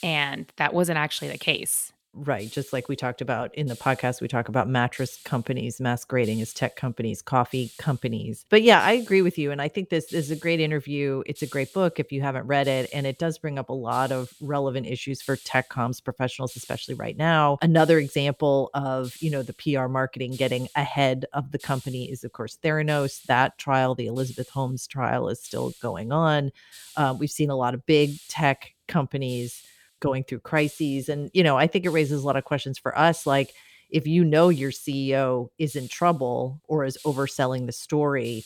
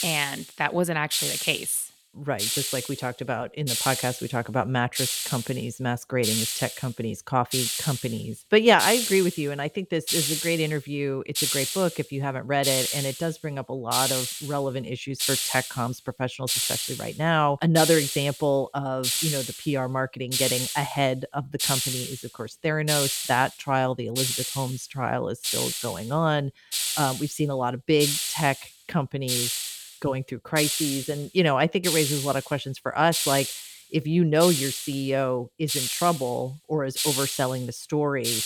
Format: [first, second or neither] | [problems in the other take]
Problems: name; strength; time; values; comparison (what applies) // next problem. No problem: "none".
first | hiss; loud; throughout; 1 dB below the speech; faint in the first